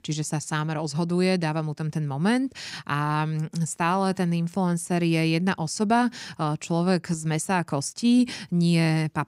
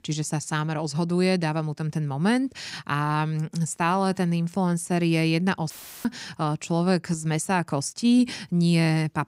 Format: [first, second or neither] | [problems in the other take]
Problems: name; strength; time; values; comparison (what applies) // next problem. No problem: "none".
first | audio cutting out; filled with static; at 5.5 s